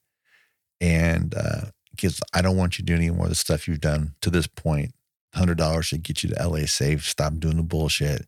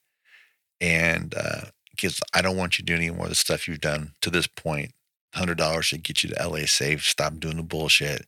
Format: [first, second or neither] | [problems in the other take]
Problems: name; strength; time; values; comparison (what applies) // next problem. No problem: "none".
first | thin; somewhat; fading below 800 Hz